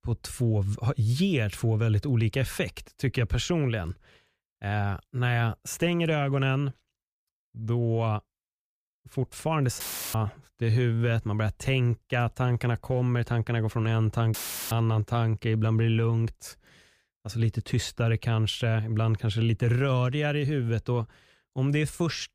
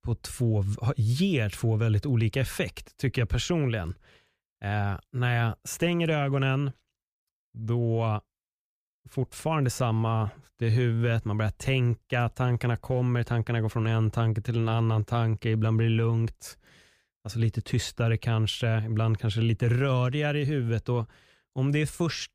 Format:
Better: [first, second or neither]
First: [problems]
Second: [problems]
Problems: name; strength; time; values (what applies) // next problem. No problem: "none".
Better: second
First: audio cutting out; filled with static; at 10 s and at 14 s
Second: none